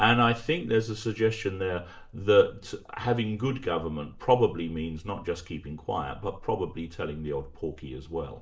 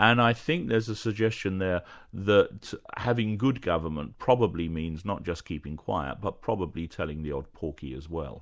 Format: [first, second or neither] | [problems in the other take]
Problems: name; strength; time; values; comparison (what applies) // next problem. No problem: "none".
second | room echo; dies away in 0.4 s